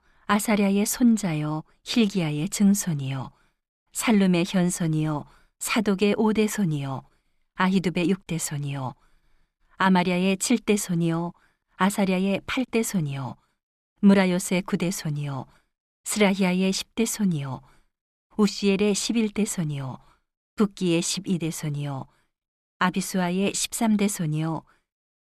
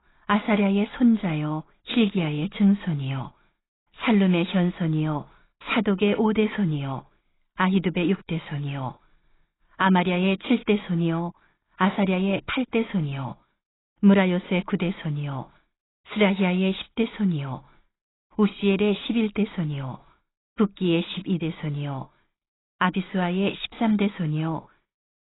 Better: first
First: none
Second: garbled, watery; badly; nothing above 4 kHz

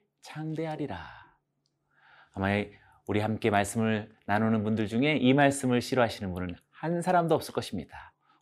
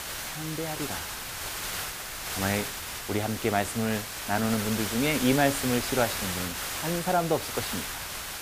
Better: first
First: none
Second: hiss; loud; throughout; 3 dB below the speech

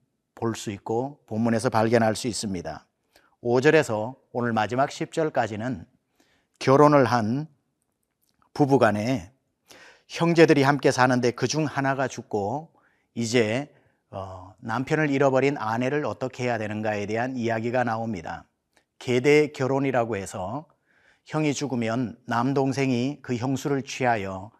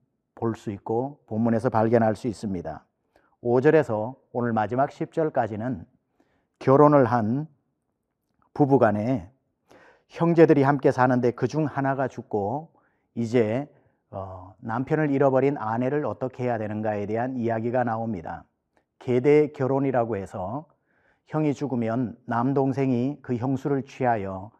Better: first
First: none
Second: muffled; very; fading above 2 kHz

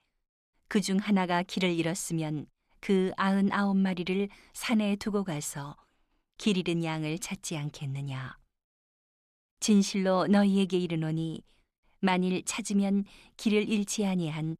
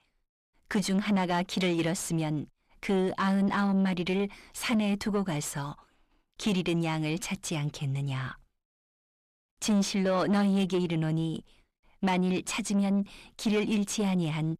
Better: first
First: none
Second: distortion; slight; 10 dB below the speech

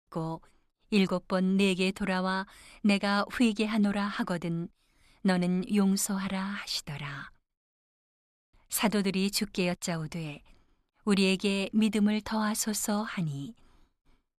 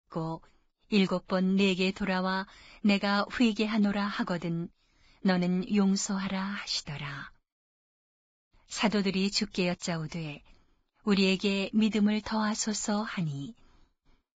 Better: first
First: none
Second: garbled, watery; badly; nothing above 7.5 kHz

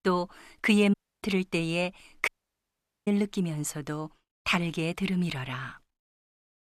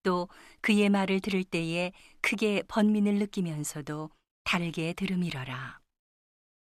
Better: second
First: audio cutting out; at 1 s and at 2.5 s for 1 s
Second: none

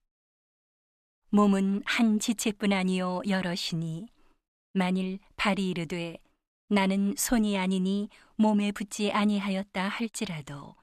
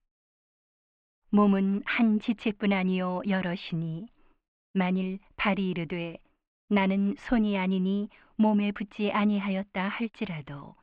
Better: first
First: none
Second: muffled; very; fading above 2.5 kHz

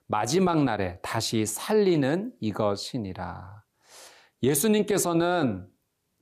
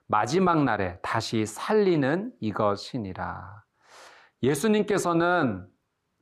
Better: first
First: none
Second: muffled; very slightly; fading above 2 kHz

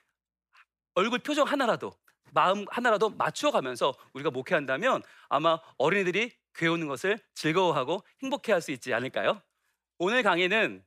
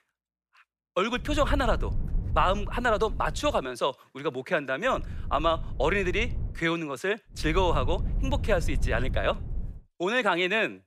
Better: first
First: none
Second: low rumble; faint; from 1 to 3.5 s, from 5 to 6.5 s and from 7.5 to 9.5 s; 20 dB below the speech

